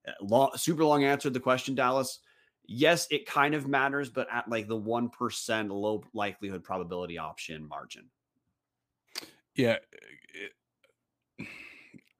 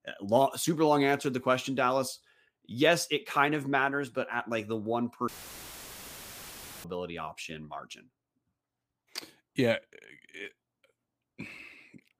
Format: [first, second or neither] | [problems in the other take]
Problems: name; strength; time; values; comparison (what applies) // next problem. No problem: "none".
first | audio cutting out; filled with static; at 5.5 s for 1.5 s